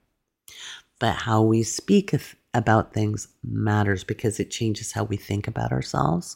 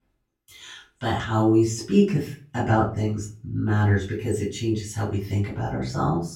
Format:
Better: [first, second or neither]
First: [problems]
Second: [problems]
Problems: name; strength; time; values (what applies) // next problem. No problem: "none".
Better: first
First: none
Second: room echo; slight; dies away in 0.3 s // off-mic speech; far